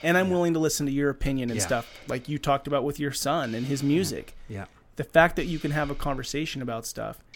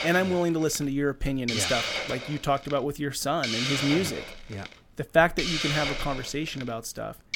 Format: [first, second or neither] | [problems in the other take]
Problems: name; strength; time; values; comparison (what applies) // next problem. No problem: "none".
first | hiss; loud; throughout; 2 dB below the speech; faint in the first